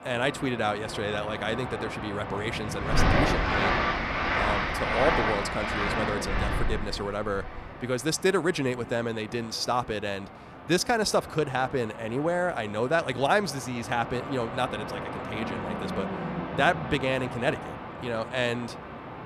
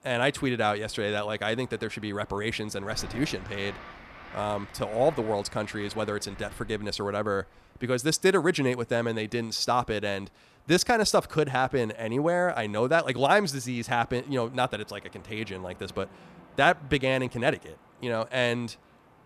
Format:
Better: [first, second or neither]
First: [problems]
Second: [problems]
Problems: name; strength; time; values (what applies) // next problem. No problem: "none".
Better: second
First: train or aircraft noise; loud; throughout; 2 dB below the speech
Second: train or aircraft noise; faint; throughout; 20 dB below the speech